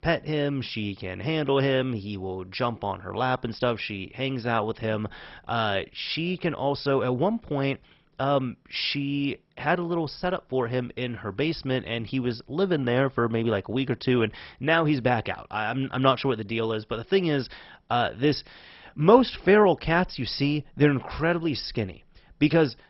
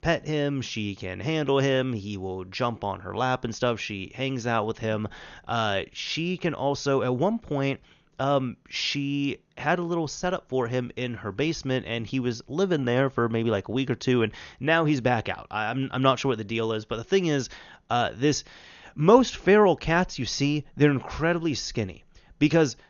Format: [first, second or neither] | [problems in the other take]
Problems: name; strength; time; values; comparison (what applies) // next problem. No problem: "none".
second | garbled, watery; badly; nothing above 5.5 kHz; slightly in the second